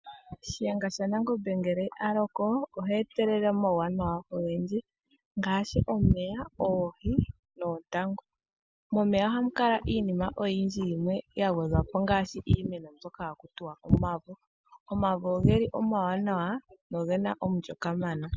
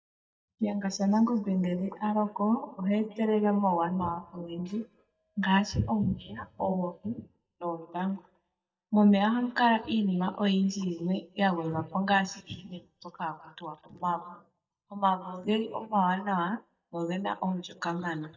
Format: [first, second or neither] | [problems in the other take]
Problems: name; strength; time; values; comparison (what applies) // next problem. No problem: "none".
first | noise reduction (neural mask model DeepFilterNet 3)